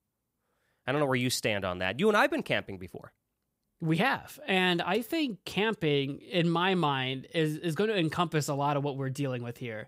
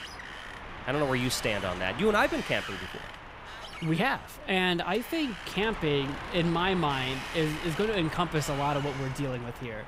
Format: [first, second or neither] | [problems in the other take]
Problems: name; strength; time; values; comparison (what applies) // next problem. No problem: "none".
first | wind noise on the microphone; heavy; 8 dB below the speech